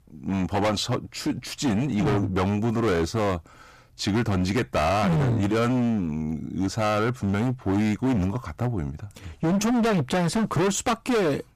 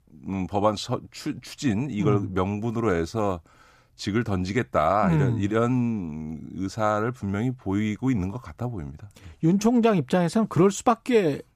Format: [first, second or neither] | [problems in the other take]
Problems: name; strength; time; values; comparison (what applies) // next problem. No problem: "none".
second | distortion; heavy; 24% of the sound clipped